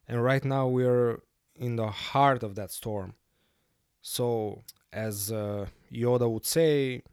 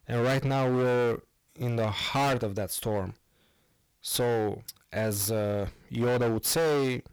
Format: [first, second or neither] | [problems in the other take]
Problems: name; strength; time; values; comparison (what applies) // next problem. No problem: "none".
first | distortion; heavy; 20% of the sound clipped